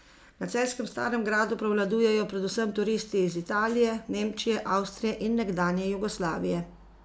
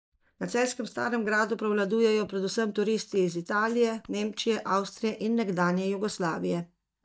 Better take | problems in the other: first | noise reduction (neural mask model DeepFilterNet 3)

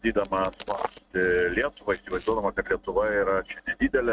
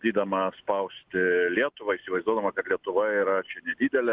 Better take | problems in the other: second | noise reduction (neural mask model RNNoise)

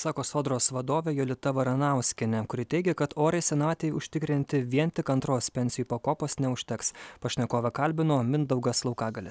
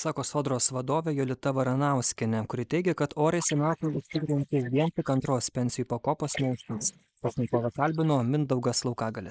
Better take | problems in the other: first | noise reduction (neural mask model Resemble Enhance denoiser)

